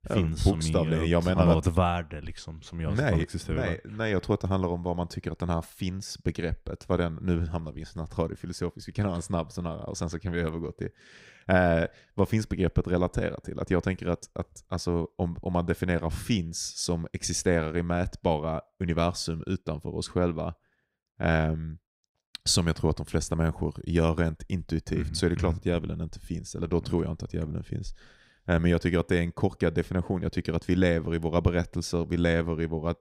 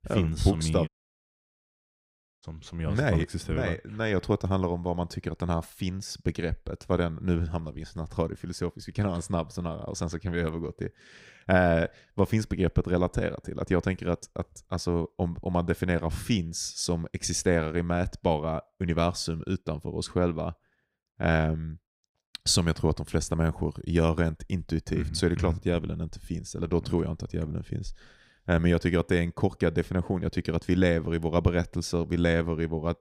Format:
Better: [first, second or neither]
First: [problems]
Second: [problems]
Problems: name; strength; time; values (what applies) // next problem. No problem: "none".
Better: first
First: none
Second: audio cutting out; at 1 s for 1.5 s